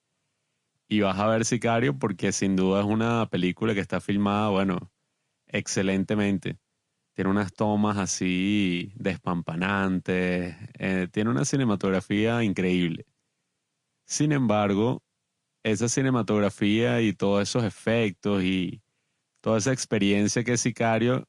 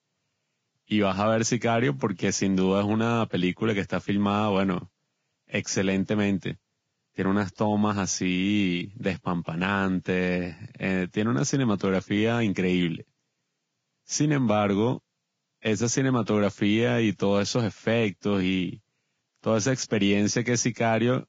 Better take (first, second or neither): first